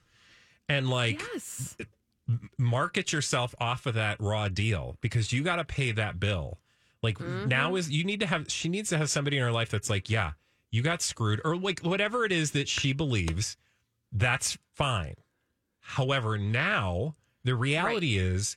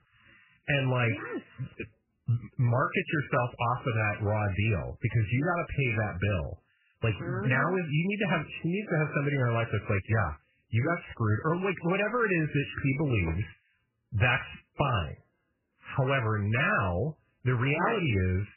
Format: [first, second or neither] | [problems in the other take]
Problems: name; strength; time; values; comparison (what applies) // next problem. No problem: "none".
first | garbled, watery; badly; nothing above 3 kHz